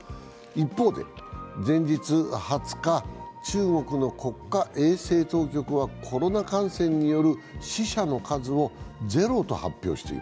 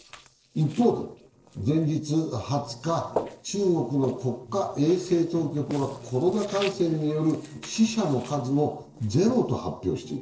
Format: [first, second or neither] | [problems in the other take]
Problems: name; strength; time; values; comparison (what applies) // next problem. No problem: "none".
first | noise reduction (neural separator model SepFormer DNS4)